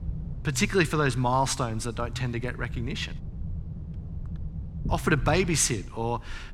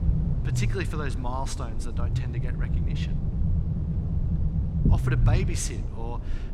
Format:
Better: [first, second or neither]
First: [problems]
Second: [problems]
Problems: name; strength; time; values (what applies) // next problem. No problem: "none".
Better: first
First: low rumble; faint; throughout; 20 dB below the speech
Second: low rumble; loud; throughout; 4 dB below the speech